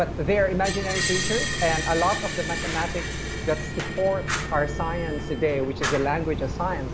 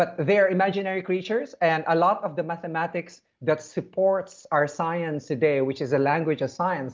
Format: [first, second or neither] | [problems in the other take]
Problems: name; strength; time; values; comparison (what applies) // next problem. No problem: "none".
second | background sound (Screech + Fire); 2 dB below the speech